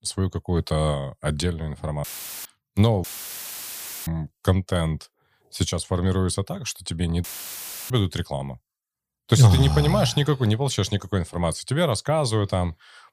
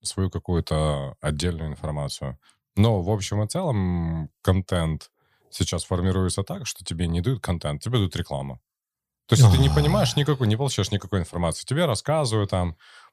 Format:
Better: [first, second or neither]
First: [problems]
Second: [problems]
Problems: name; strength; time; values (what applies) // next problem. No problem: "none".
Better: second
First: audio cutting out; filled with static; at 2 s, at 3 s for 1 s and at 7 s for 0.5 s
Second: none